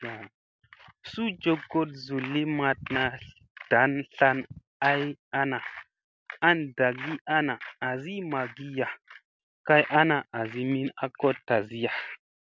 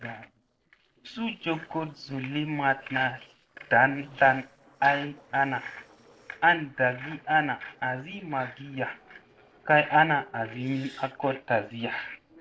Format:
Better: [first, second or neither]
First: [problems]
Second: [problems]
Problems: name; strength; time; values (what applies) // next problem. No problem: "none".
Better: first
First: none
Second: noise reduction (neural separator model SepFormer DNS4)